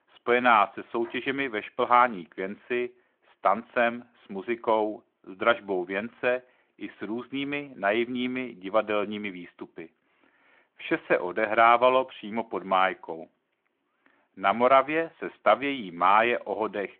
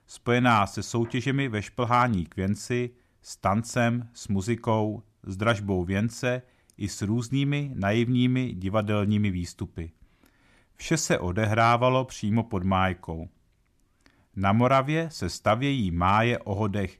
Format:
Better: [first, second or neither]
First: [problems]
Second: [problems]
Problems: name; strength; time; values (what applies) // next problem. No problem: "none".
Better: second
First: phone-call audio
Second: none